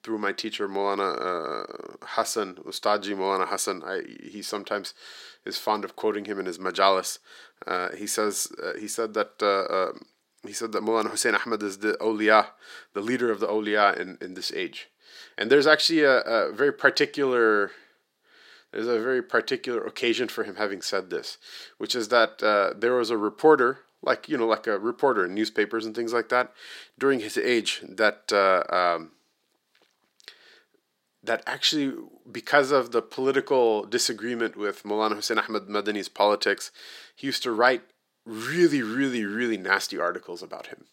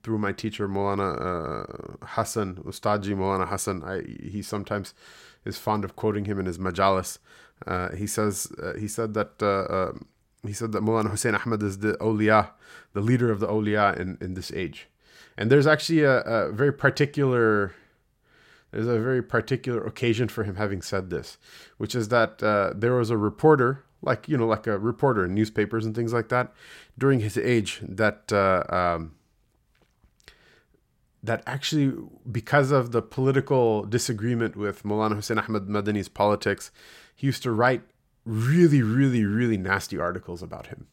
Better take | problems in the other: second | thin; somewhat; fading below 300 Hz

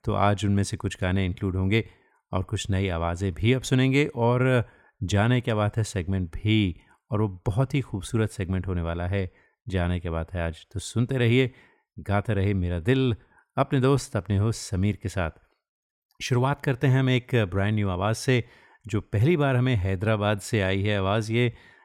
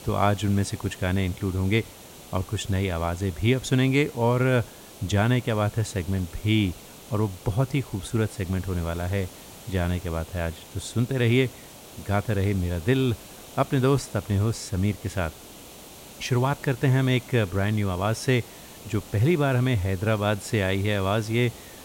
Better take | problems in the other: first | hiss; noticeable; throughout; 20 dB below the speech

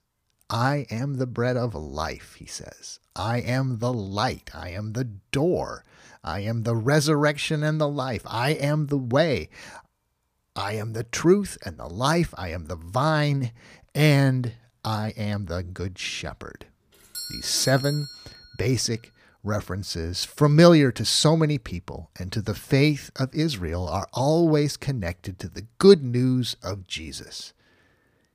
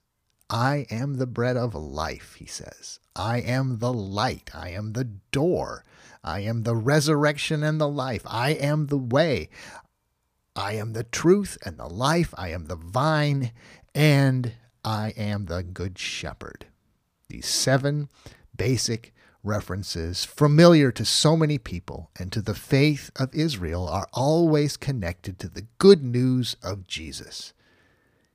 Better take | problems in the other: second | doorbell; noticeable; from 17 to 18 s; peak 8 dB below the speech

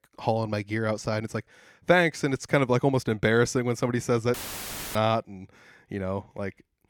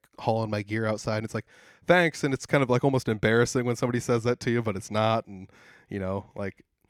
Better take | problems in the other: second | audio cutting out; filled with static; at 4.5 s for 0.5 s

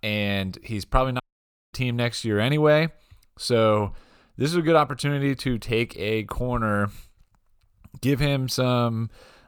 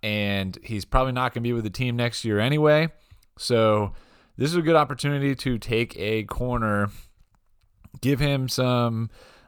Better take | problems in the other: second | audio cutting out; at 1 s for 0.5 s

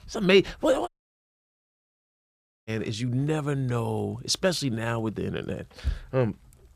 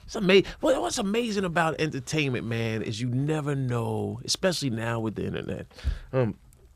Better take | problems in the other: second | audio cutting out; at 1 s for 2 s

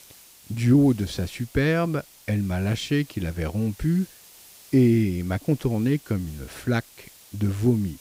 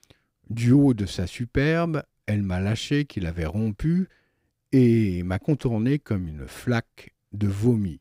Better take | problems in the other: second | hiss; faint; throughout; 25 dB below the speech

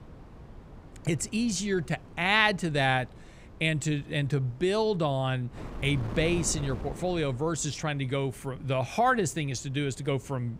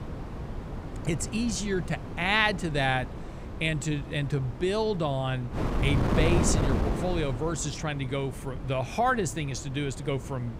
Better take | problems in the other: first | wind noise on the microphone; heavy; 9 dB below the speech; occasional gusts in the first

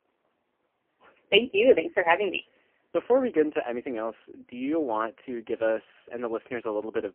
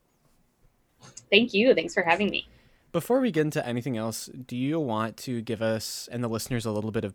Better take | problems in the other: second | phone-call audio; poor line; nothing above 3 kHz

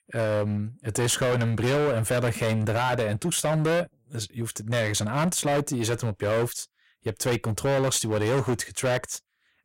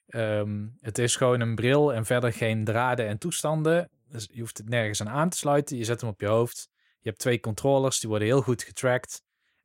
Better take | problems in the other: second | distortion; heavy; 18% of the sound clipped

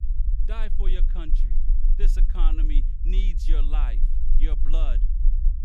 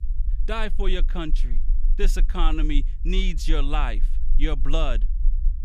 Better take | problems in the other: second | low rumble; loud; throughout; 10 dB below the speech; faint in the second

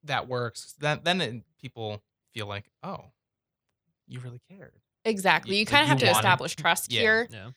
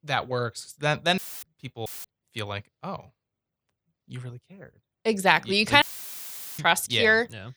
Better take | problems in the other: first | audio cutting out; filled with static; at 1 s, at 2 s and at 6 s for 1 s

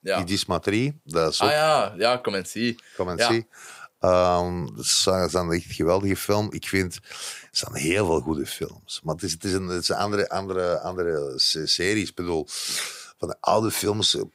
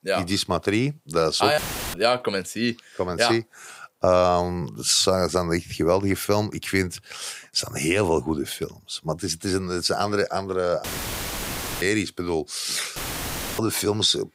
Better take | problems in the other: first | audio cutting out; filled with static; at 1.5 s, at 11 s for 1 s and at 13 s for 0.5 s

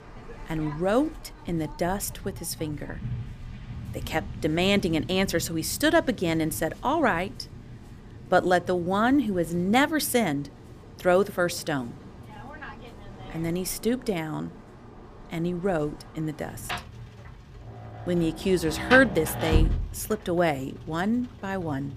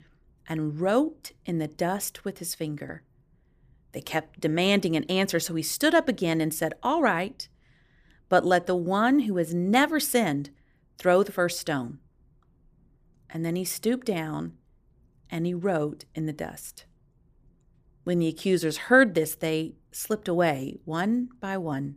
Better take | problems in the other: second | rain or running water; noticeable; throughout; 10 dB below the speech

